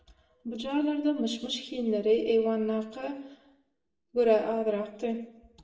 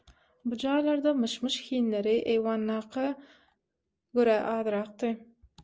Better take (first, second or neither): second